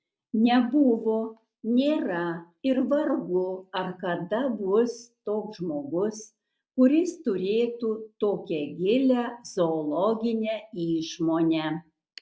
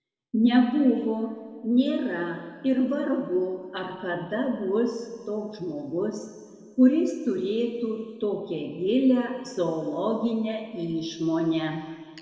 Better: first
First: none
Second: room echo; dies away in 2.1 s

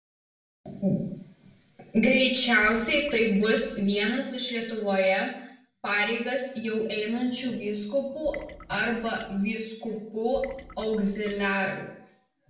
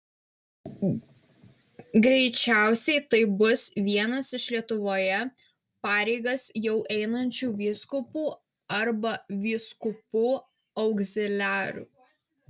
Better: second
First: background sound (Trickle, dribble / Water tap, faucet); 18 dB below the speech // room echo; dies away in 0.6 s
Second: none

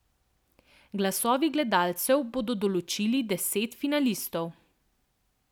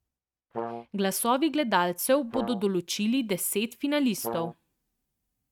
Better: first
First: none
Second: noise reduction (neural mask model RNNoise)

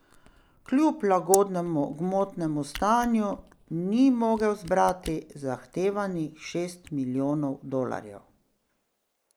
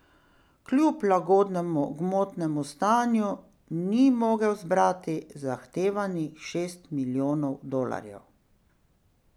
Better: second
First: noise reduction (neural mask model Resemble Enhance denoiser)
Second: none

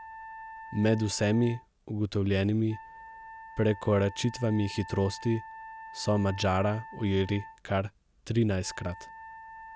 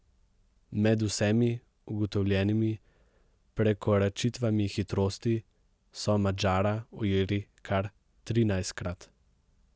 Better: second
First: background sound (Wind instrument, woodwind instrument); 16 dB below the speech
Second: none

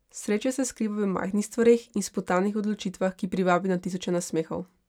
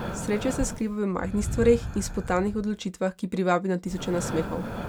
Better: first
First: none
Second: background sound (Breathing); 7 dB below the speech

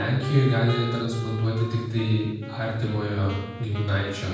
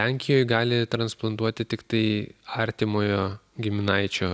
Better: second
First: background sound (Wind instrument, woodwind instrument); 14 dB below the speech // room echo; dies away in 1.2 s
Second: none

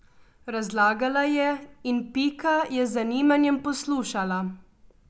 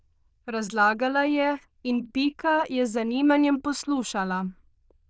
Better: first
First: none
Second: noise reduction (neural diffusion model UNIVERSE++)

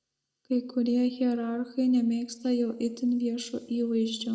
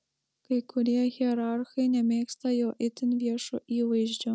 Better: second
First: room echo; dies away in 0.9 s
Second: none

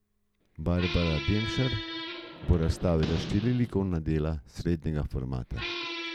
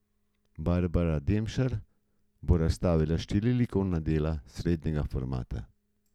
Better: second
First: background sound (Squeak); 9 dB below the speech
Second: none

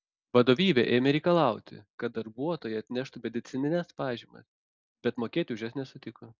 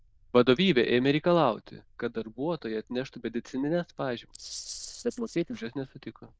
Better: first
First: none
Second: noise reduction (neural diffusion model UNIVERSE++)

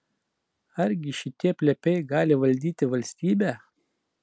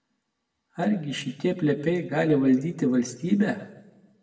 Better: first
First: none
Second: room echo; dies away in 0.7 s

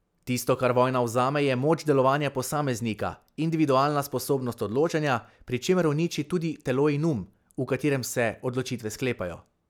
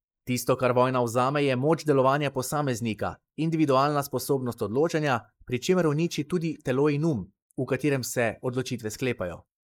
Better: first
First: none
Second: noise reduction (neural mask model Resemble Enhance denoiser)

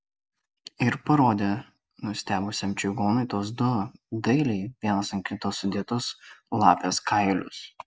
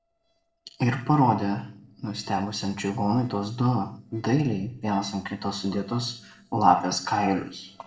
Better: first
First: none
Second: noise reduction (neural separator model SepFormer DNS4)

